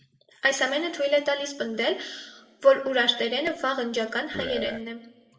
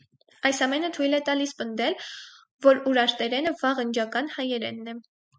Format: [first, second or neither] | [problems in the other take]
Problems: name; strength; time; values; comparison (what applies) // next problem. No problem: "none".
second | background sound (Burping, eructation); 7 dB below the speech // room echo; dies away in 1.2 s